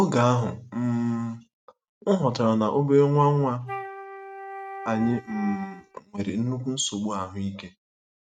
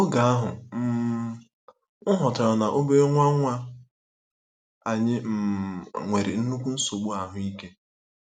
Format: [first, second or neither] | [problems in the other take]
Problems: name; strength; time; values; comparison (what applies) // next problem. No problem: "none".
second | noise reduction (neural mask model RNNoise)